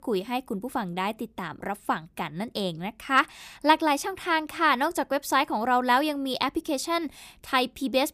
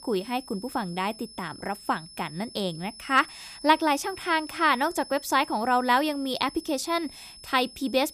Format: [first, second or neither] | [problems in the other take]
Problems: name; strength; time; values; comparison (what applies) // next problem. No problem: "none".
first | high-pitched whine; noticeable; throughout; 5.5 kHz, 15 dB below the speech